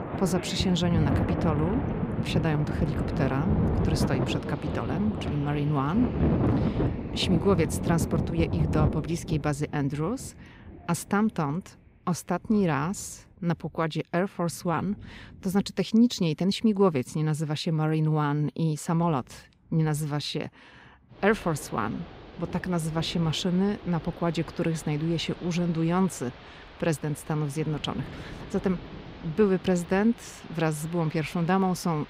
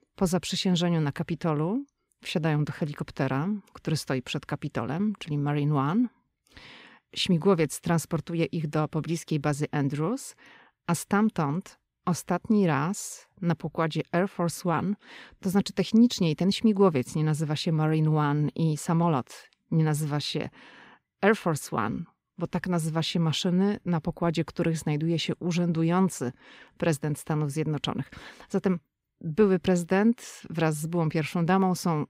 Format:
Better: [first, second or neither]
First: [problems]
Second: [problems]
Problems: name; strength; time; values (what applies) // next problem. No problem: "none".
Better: second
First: rain or running water; loud; throughout; 3 dB below the speech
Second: none